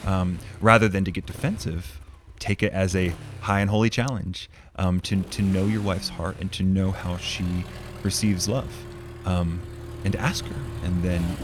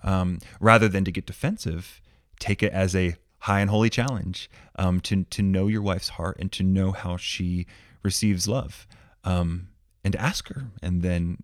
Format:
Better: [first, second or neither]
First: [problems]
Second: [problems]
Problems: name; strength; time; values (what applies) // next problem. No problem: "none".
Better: second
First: traffic noise; noticeable; throughout; 15 dB below the speech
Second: none